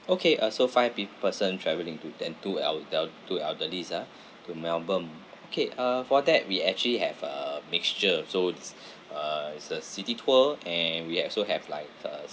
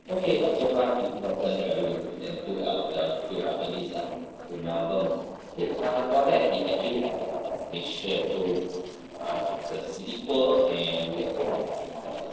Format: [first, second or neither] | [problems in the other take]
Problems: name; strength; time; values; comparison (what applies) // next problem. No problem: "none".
first | noise reduction (neural separator model SepFormer DNS4)